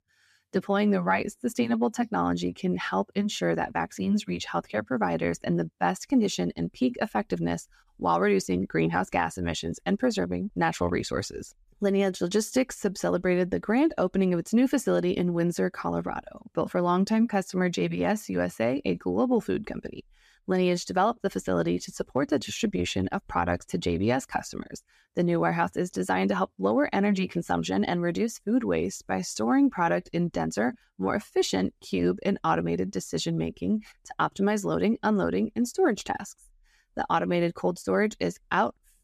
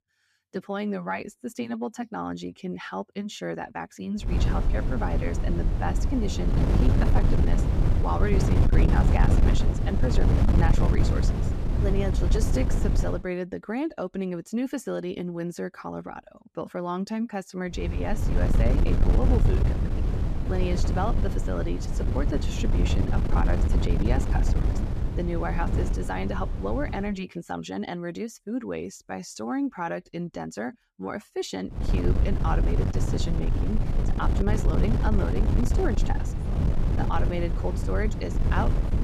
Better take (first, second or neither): first